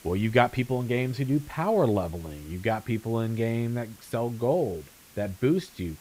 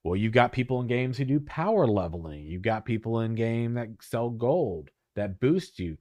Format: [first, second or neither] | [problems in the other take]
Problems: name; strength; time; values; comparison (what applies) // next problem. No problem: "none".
second | hiss; faint; throughout; 25 dB below the speech